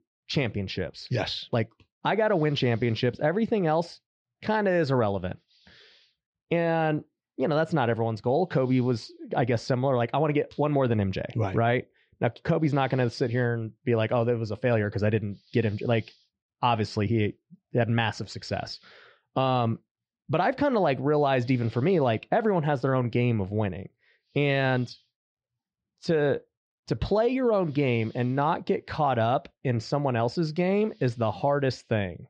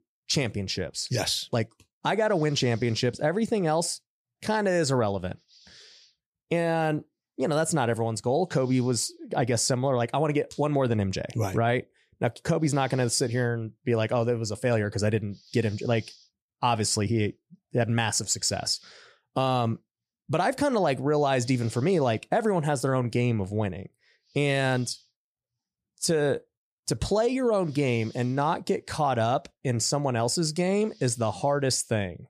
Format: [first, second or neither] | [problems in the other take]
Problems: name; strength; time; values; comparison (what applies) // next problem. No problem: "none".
second | muffled; slightly; fading above 4 kHz